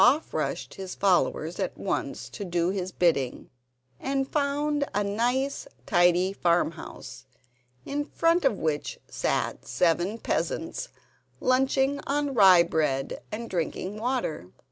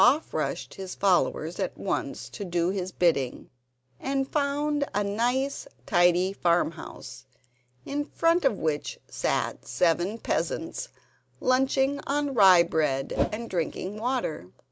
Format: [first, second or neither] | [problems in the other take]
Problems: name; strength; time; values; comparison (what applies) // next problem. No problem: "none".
first | background sound (Whoosh, swoosh, swish); 3 dB below the speech